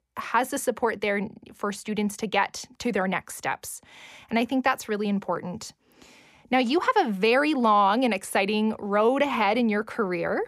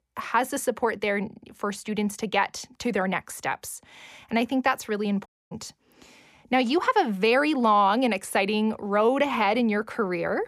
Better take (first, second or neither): first